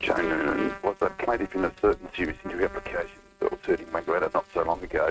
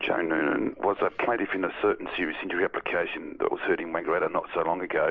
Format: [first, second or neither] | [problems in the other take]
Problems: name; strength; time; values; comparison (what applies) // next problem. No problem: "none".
second | noise reduction (neural mask model RNNoise)